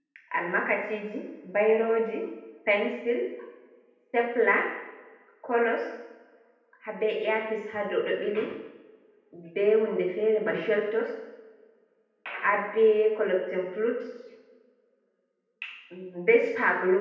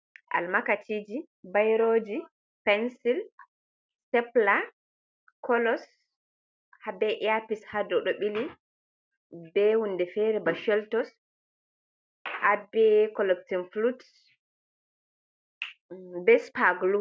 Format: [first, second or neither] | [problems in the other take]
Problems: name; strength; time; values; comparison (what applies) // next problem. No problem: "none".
second | room echo; dies away in 0.9 s